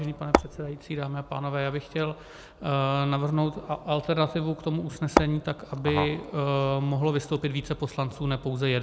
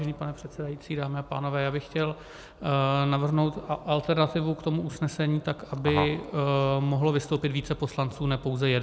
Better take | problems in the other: second | background sound (Tap / Hammer); 3 dB above the speech

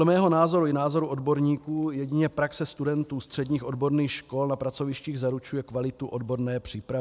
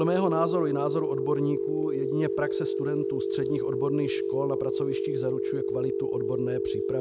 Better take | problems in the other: first | background sound (Telephone); 2 dB above the speech

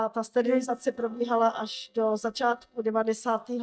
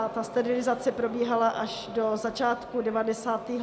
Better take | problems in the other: second | noise reduction (neural mask model DeepFilterNet 3)

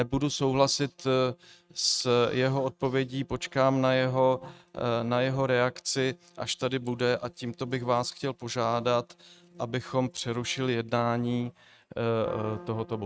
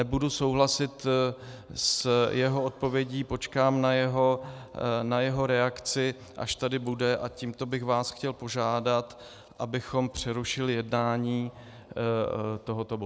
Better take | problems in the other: second | noise reduction (neural mask model RNNoise)

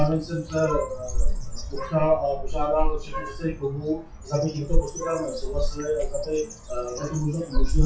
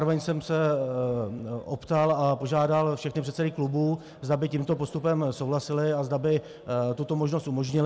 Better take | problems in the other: second | noise reduction (classical method WPE with log-MMSE)

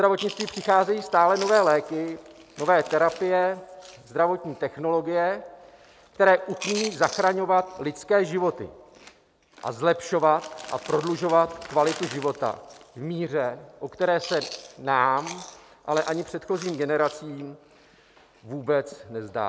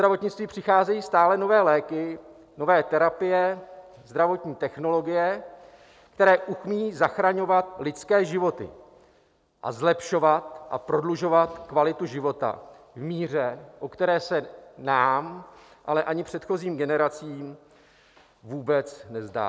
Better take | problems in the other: second | background sound (Chewing, mastication); 18 dB below the speech

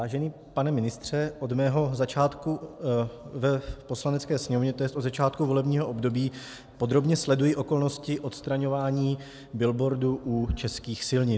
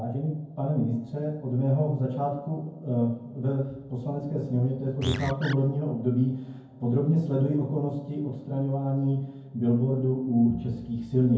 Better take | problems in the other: first | background sound (Animal); 9 dB below the speech // room echo; dies away in 0.9 s

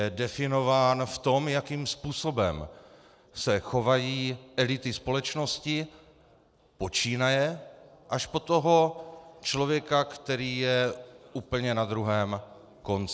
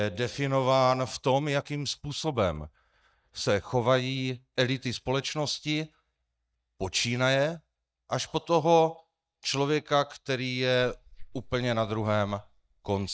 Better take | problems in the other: first | noise reduction (neural mask model DeepFilterNet 3)

